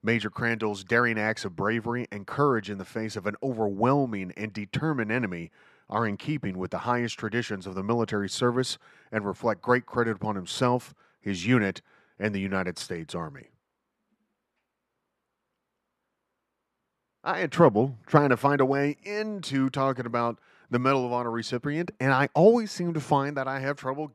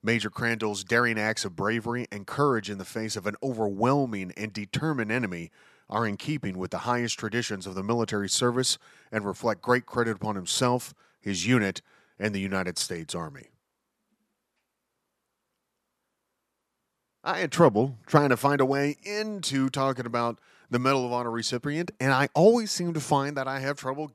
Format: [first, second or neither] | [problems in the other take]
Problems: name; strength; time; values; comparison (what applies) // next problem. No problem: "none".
second | muffled; slightly; fading above 4 kHz